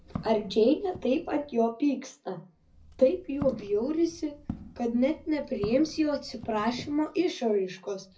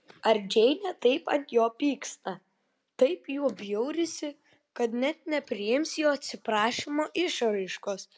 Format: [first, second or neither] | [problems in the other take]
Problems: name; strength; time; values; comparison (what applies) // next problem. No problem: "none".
second | background sound (Walk, footsteps); 17 dB below the speech // room echo; dies away in 0.4 s